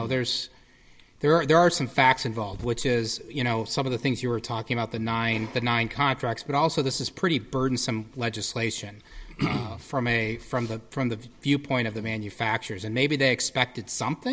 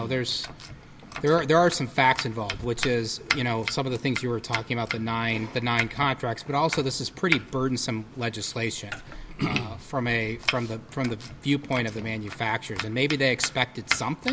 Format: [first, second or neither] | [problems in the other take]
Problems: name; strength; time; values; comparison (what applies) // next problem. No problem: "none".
first | background sound (Domestic sounds, home sounds); 9 dB below the speech